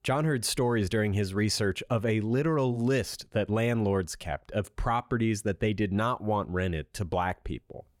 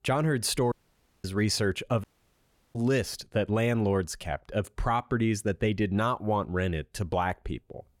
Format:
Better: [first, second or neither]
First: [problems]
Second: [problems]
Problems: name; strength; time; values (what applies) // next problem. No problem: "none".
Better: first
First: none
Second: audio cutting out; at 0.5 s for 0.5 s and at 2 s for 0.5 s